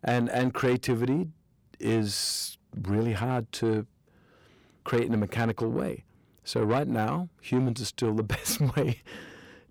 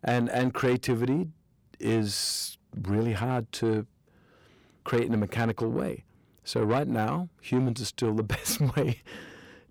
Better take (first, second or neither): neither